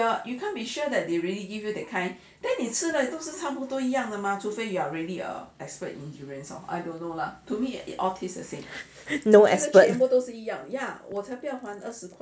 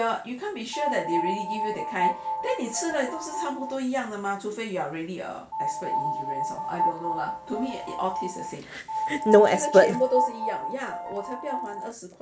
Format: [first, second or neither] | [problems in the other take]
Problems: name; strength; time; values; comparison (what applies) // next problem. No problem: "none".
first | background sound (Piano); 3 dB below the speech